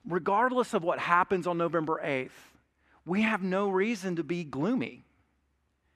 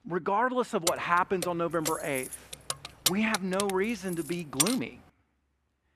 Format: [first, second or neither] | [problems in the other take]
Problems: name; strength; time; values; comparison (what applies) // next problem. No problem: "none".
first | jangling keys; loud; from 1 to 4.5 s; peak 2 dB above the speech